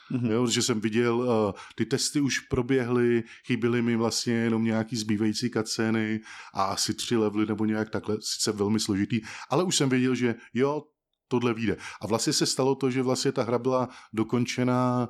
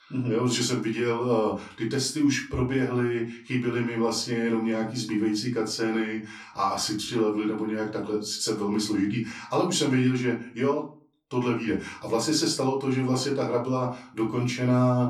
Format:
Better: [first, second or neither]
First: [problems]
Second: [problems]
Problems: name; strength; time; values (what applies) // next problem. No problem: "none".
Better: first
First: none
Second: off-mic speech; far // room echo; slight; dies away in 0.3 s